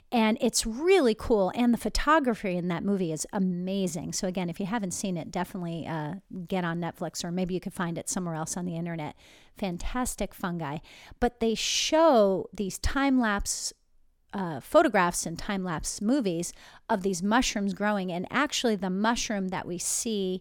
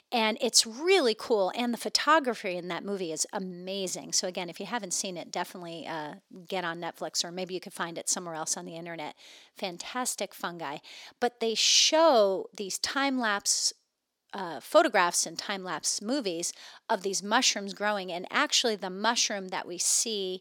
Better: first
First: none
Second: thin; somewhat; fading below 350 Hz

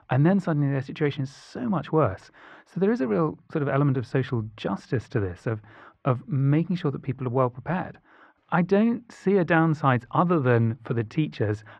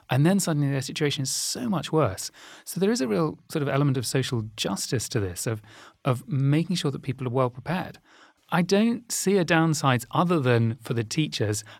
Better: second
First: muffled; very; fading above 1.5 kHz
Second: none

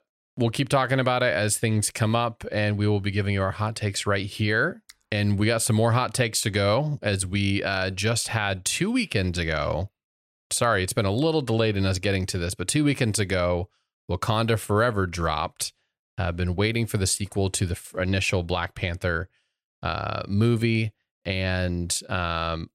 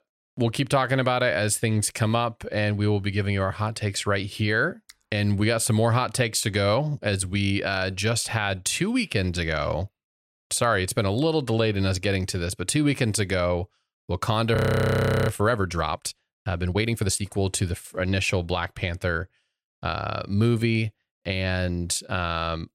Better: first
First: none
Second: audio freezing; at 15 s for 0.5 s

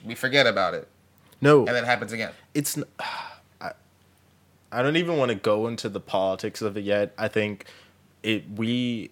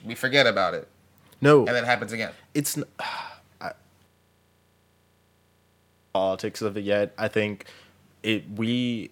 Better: first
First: none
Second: audio freezing; at 4 s for 2 s

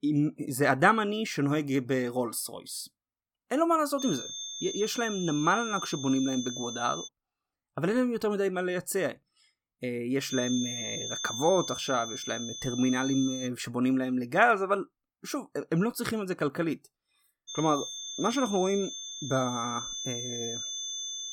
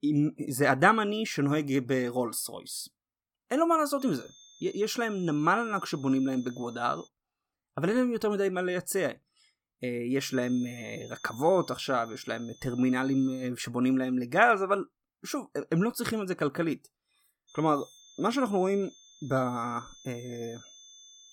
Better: second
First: high-pitched whine; loud; from 4 to 7 s, from 10 to 13 s and from 17 s on; 3.5 kHz, 6 dB below the speech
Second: high-pitched whine; faint; from 4 to 7 s, from 10 to 13 s and from 17 s on; 3.5 kHz, 25 dB below the speech

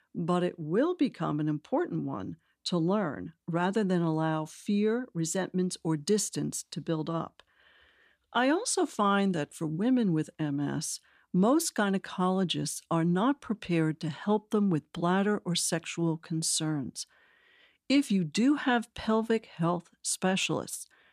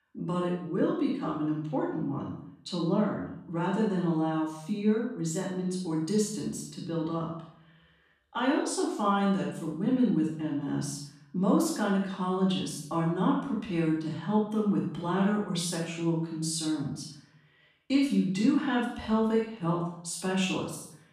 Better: first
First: none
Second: off-mic speech; far // room echo; noticeable; dies away in 0.6 s

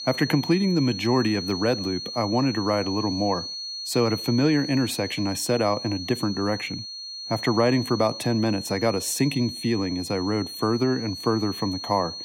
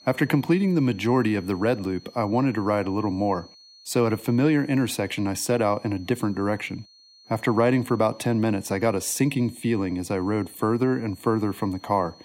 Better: second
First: high-pitched whine; loud; throughout; 4.5 kHz, 8 dB below the speech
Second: high-pitched whine; faint; throughout; 4.5 kHz, 25 dB below the speech

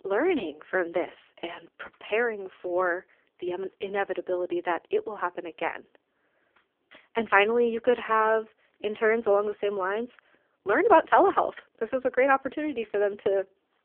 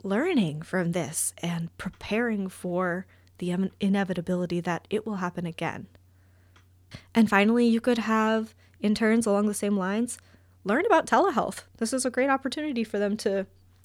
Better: second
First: phone-call audio; poor line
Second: none

